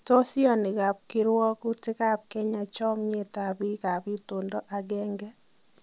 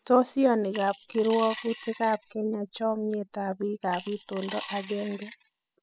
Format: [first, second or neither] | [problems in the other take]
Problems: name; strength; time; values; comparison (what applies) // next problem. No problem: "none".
first | noise reduction (classical method spectral subtraction)